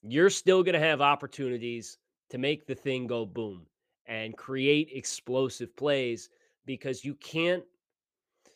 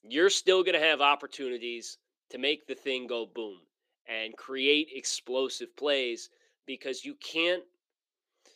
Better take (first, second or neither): first